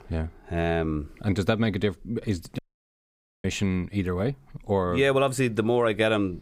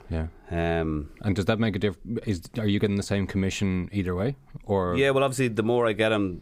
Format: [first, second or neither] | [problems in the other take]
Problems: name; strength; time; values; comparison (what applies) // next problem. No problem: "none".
second | audio cutting out; at 2.5 s for 1 s